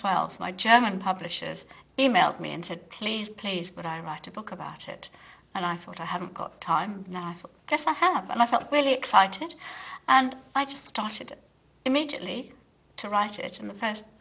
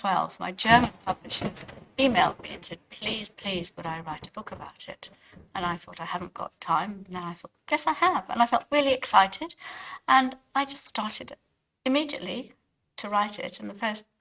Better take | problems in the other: first | noise reduction (neural mask model RNNoise)

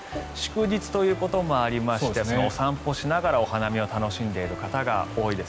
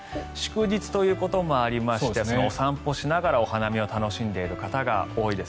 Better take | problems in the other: second | background sound (Stream); 19 dB below the speech

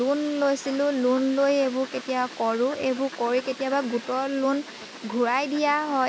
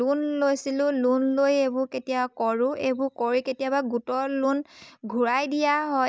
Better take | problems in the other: second | background sound (Fowl); 16 dB below the speech

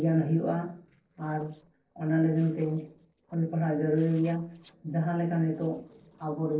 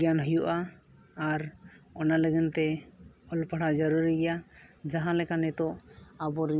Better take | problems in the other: second | noise reduction (neural separator model SepFormer DNS4)

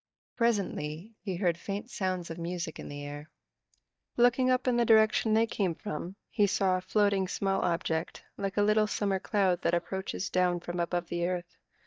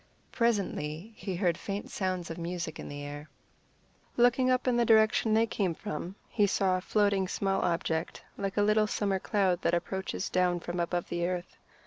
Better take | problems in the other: second | noise reduction (neural mask model DeepFilterNet 3)

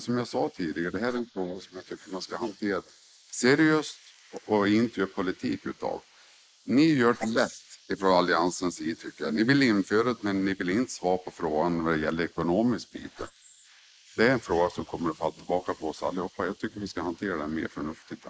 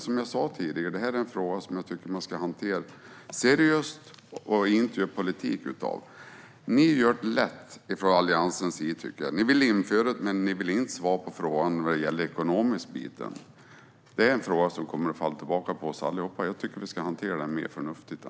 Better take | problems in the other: second | noise reduction (neural mask model Resemble Enhance denoiser)

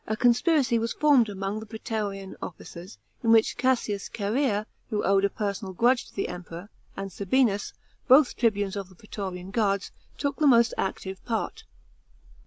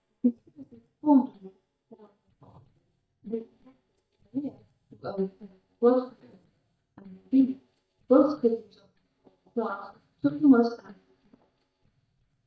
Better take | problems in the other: first | noise reduction (neural mask model DeepFilterNet 3)

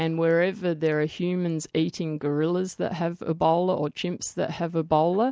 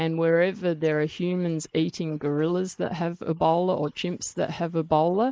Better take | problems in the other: first | noise reduction (neural mask model Resemble Enhance denoiser)

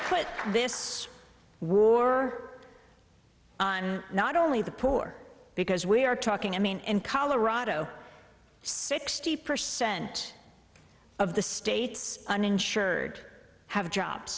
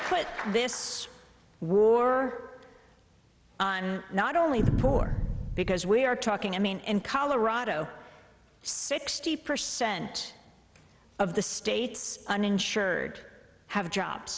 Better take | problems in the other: first | background sound (Boom); as loud as the speech

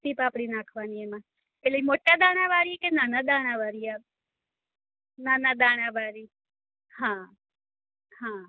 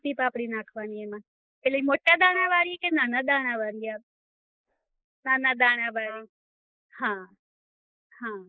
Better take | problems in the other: first | noise reduction (neural mask model Resemble Enhance denoiser)

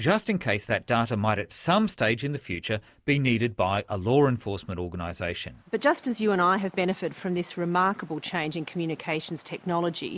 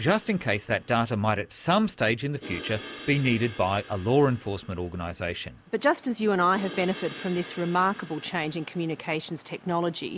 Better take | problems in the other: first | background sound (Crash cymbal); 19 dB below the speech

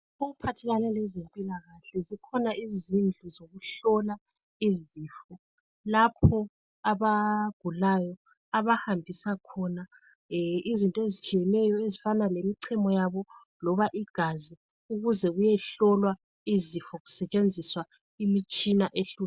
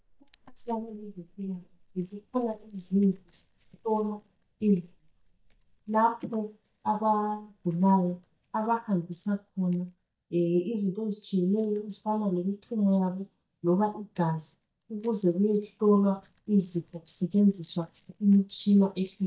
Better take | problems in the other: first | noise reduction (neural mask model DeepFilterNet 3)

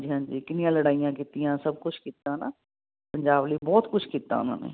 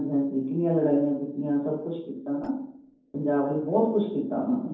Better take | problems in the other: first | noise reduction (neural separator model SepFormer DNS4)

